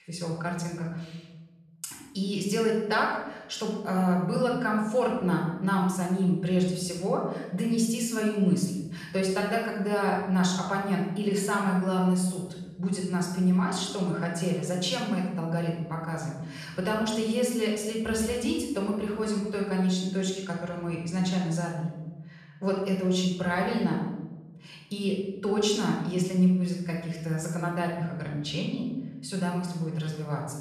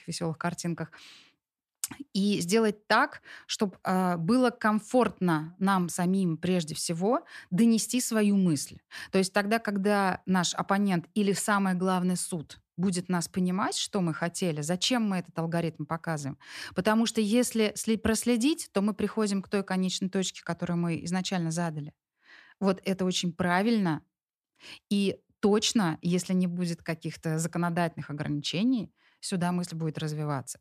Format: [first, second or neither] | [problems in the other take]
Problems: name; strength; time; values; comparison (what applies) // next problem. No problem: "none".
second | off-mic speech; far // room echo; noticeable; dies away in 1 s